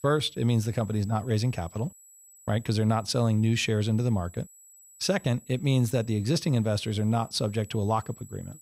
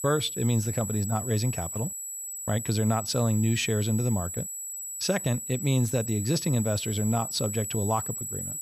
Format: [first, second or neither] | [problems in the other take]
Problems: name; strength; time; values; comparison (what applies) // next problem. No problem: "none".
first | high-pitched whine; loud; throughout; 8 kHz, 5 dB below the speech; faint in the first